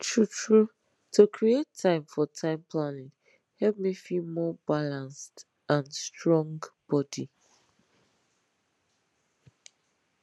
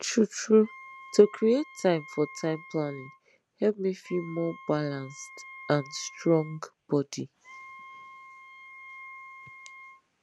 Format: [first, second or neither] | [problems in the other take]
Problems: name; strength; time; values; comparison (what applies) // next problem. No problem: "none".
first | background sound (Wind instrument, woodwind instrument); 19 dB below the speech